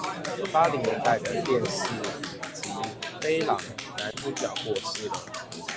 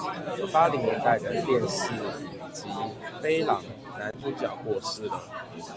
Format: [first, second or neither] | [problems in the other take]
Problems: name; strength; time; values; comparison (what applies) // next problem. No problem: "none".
second | background sound (Clapping); 10 dB below the speech